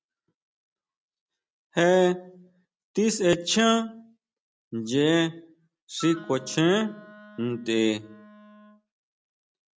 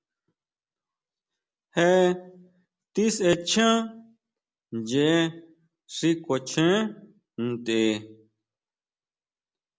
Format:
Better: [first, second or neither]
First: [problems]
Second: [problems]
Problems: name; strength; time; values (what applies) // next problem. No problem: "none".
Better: second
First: noise reduction (neural mask model RNNoise)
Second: none